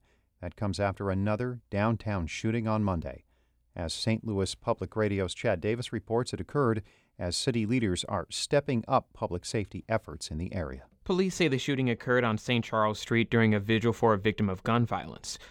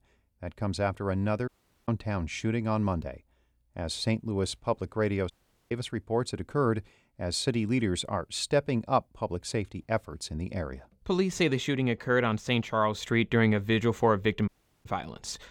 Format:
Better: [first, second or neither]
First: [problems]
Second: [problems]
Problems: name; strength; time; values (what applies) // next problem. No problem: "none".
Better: first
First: none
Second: audio cutting out; at 1.5 s, at 5.5 s and at 14 s